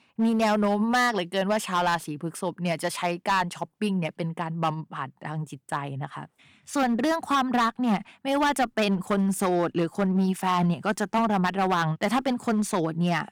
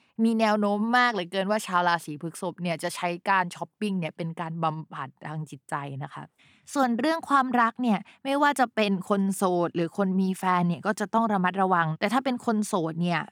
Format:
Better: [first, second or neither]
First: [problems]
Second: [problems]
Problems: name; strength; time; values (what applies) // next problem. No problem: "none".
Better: second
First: distortion; slight; 7% of the sound clipped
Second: none